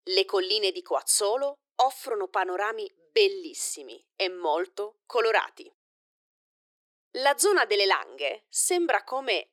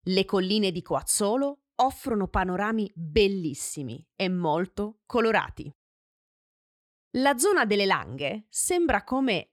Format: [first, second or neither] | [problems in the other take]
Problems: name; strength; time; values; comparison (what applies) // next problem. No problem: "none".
second | thin; very; fading below 350 Hz